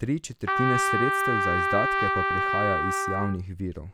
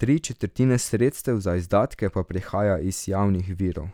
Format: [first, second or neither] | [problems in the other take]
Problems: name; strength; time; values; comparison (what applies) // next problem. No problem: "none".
second | background sound (Trumpet); 4 dB above the speech